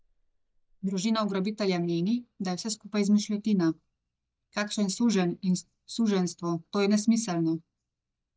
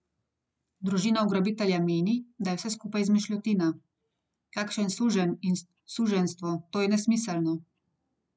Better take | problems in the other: second | noise reduction (neural mask model DeepFilterNet 3)

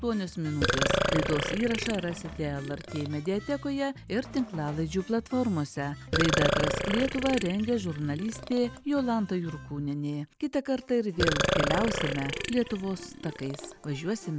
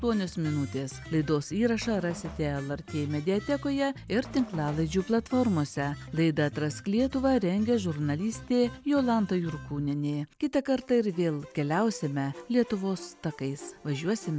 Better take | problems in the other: second | background sound (Burping, eructation); 1 dB below the speech

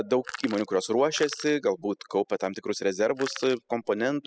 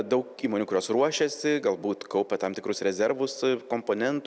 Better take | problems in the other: second | noise reduction (classical method spectral subtraction)

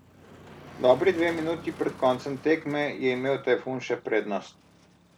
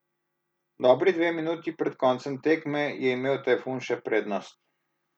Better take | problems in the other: second | background sound (Motor vehicle (road)); 19 dB below the speech

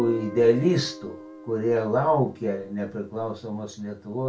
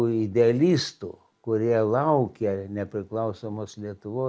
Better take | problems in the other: second | background sound (Guitar); 17 dB below the speech // room echo; dies away in 0.2 s

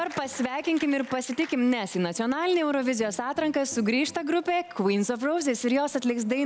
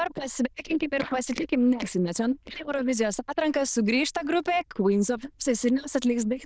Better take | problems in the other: first | noise reduction (neural diffusion model UNIVERSE++)

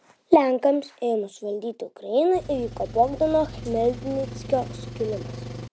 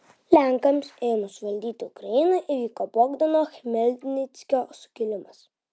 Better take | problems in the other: second | background sound (Engine); 12 dB below the speech

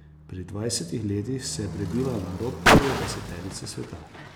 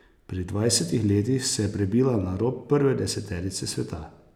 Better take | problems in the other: second | background sound (Car); 3 dB above the speech

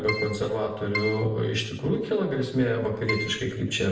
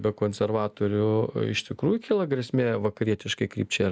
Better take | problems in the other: second | background sound (Keyboard (musical)); 5 dB below the speech // room echo; dies away in 0.7 s

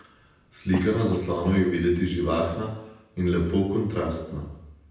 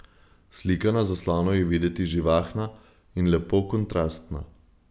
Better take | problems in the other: second | background sound (Cough); 15 dB below the speech // room echo; dies away in 0.8 s

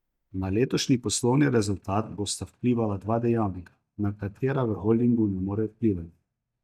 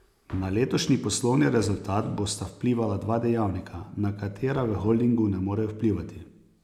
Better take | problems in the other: second | noise reduction (neural mask model DeepFilterNet 3)

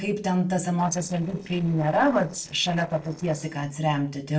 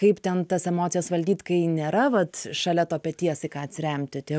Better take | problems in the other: second | noise reduction (neural separator model SepFormer DNS4)

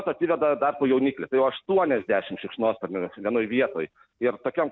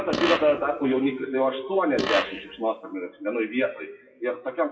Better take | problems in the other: first | noise reduction (classical method WPE with log-MMSE)

